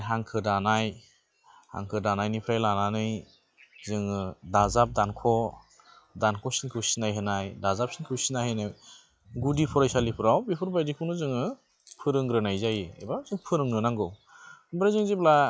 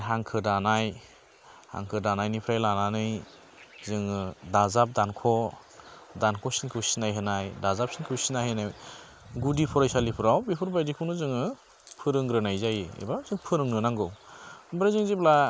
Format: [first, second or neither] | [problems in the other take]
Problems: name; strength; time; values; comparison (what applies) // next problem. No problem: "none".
second | noise reduction (classical method log-MMSE)